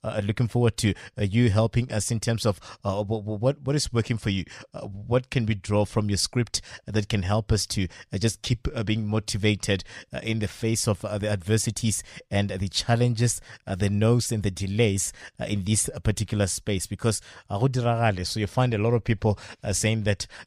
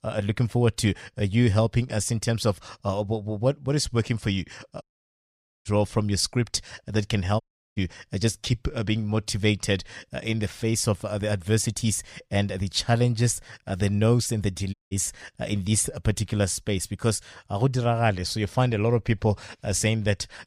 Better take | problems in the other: first | audio cutting out; at 5 s for 1 s, at 7.5 s and at 15 s

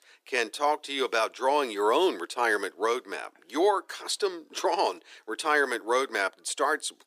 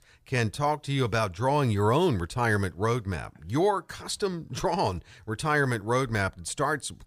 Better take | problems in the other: second | thin; very; fading below 300 Hz

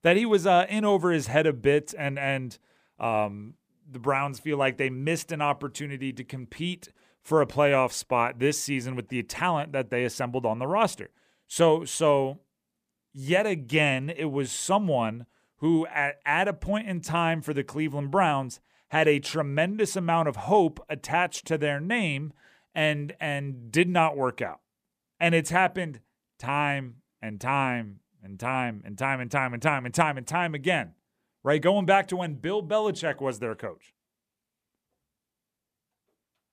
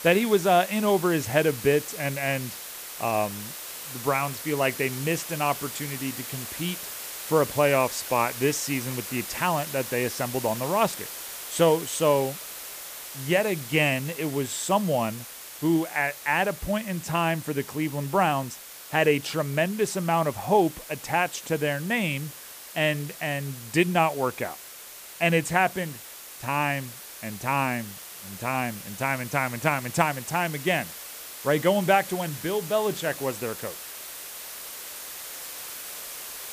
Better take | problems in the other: first | hiss; noticeable; throughout; 10 dB below the speech

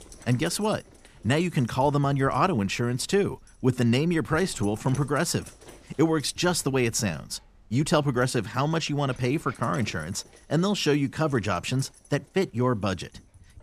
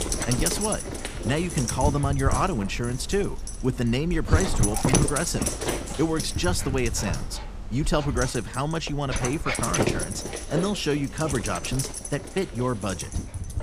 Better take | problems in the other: first | animal sounds; loud; throughout; 2 dB below the speech; faint in the first

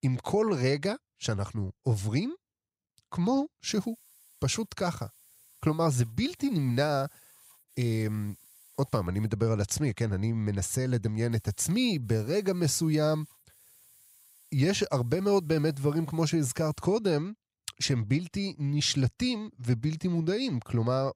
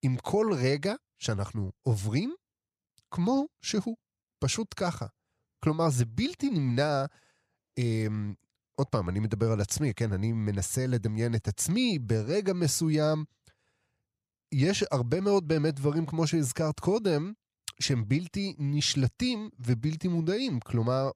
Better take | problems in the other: second | hiss; faint; from 3.5 to 9.5 s and from 11 to 17 s; 25 dB below the speech

